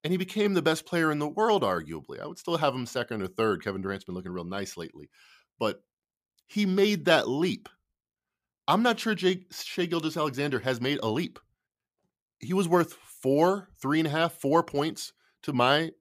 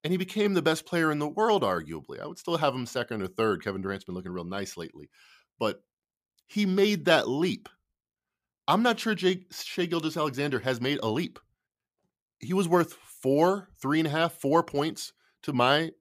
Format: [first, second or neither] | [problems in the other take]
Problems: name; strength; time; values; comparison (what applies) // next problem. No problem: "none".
neither | none